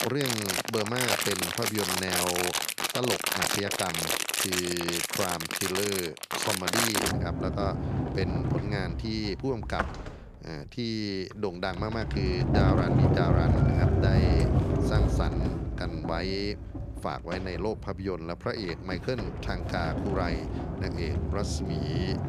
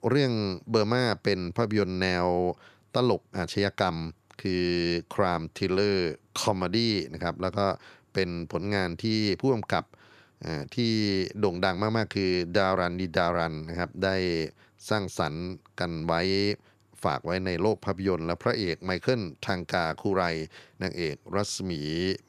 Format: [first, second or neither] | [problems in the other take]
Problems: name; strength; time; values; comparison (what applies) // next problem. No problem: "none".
second | household noises; very loud; throughout; 5 dB above the speech